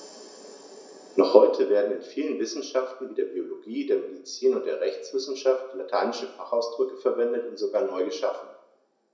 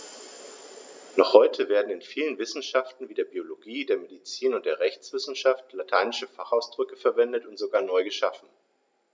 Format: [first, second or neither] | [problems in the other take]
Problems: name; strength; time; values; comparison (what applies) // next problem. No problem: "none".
second | room echo; dies away in 0.7 s